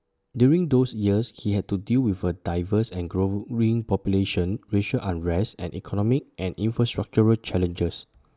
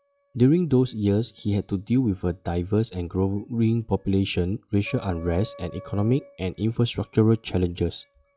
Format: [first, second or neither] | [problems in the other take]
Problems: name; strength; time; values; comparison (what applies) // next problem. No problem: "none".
first | noise reduction (classical method log-MMSE)